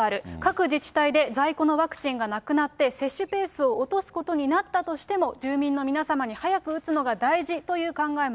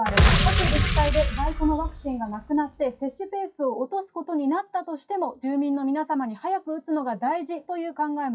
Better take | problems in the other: first | noise reduction (classical method WPE with log-MMSE)

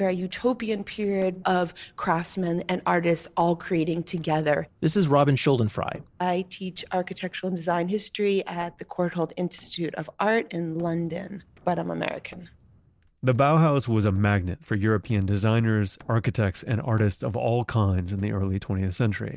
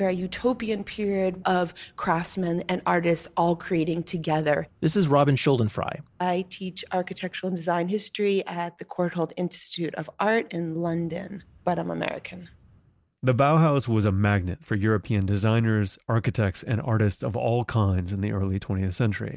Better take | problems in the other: second | noise reduction (neural separator model SepFormer DNS4)

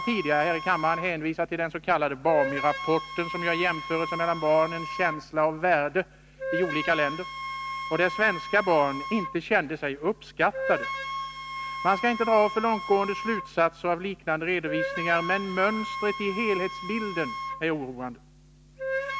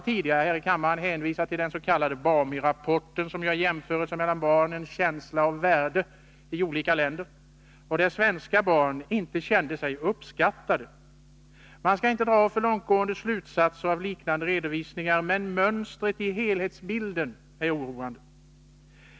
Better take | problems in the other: second | background sound (Wind instrument, woodwind instrument); 8 dB below the speech

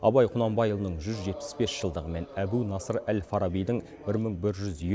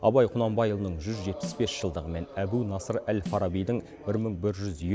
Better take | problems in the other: first | background sound (Snare drum); 16 dB below the speech

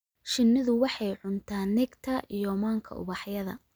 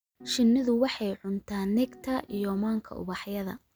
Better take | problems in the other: first | background sound (Piano); 20 dB below the speech

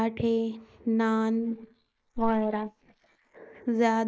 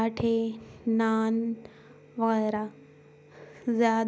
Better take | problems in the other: second | noise reduction (neural mask model Resemble Enhance denoiser)

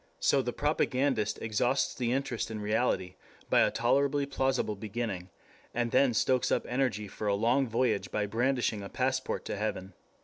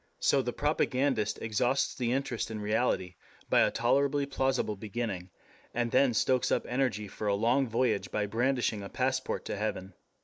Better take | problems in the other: first | noise reduction (neural mask model Resemble Enhance denoiser)

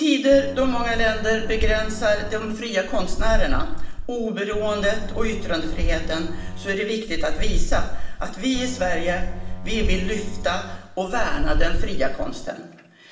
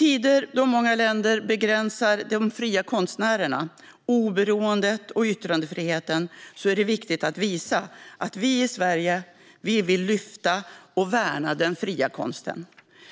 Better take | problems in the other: second | background sound (Boat, Water vehicle); 2 dB above the speech // room echo; dies away in 1 s

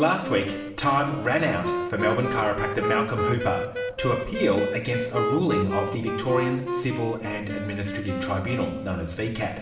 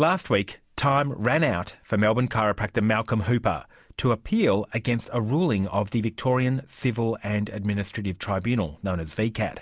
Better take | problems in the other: second | background sound (Wind instrument, woodwind instrument); 4 dB below the speech // room echo; dies away in 1 s

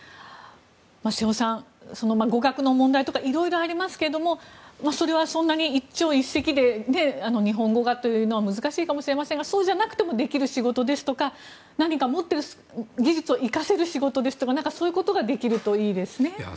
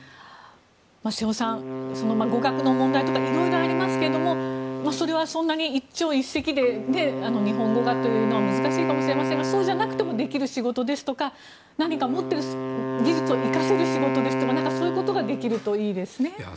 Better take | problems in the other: first | background sound (Wind instrument, woodwind instrument); 2 dB below the speech

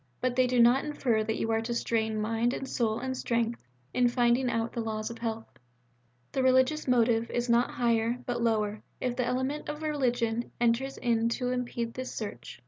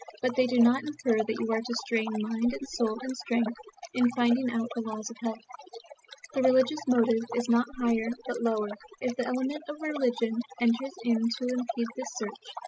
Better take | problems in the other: first | noise reduction (classical method spectral subtraction)

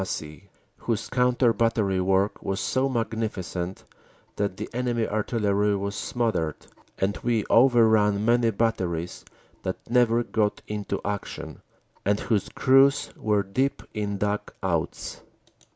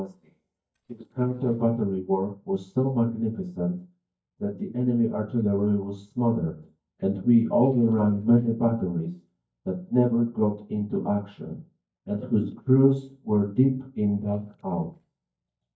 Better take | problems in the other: first | noise reduction (neural mask model DeepFilterNet 3)

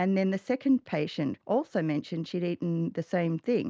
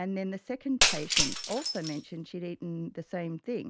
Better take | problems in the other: first | background sound (Shatter); 3 dB above the speech

